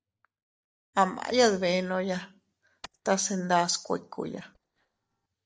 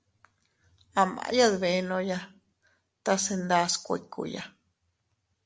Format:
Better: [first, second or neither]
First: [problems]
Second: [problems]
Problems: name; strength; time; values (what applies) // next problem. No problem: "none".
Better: second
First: noise reduction (neural mask model DeepFilterNet 3)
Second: none